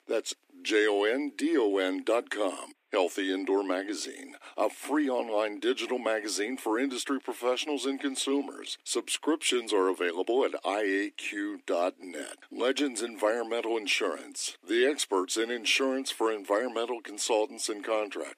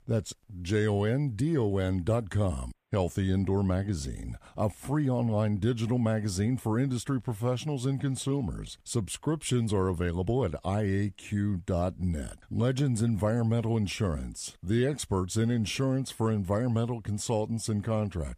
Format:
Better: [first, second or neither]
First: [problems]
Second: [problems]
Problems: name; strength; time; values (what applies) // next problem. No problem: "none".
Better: second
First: thin; somewhat; fading below 300 Hz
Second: none